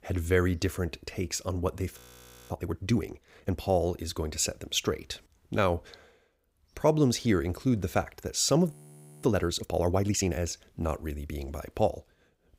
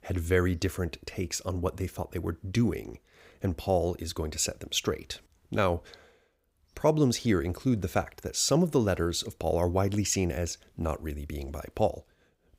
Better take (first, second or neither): second